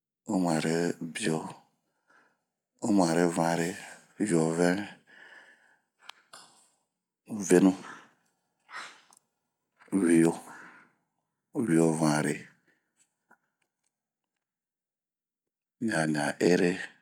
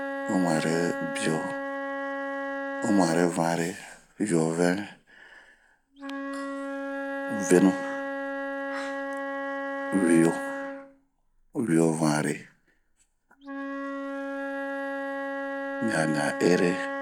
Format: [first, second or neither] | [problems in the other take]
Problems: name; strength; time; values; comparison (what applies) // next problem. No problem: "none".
first | background sound (Wind instrument, woodwind instrument); 5 dB below the speech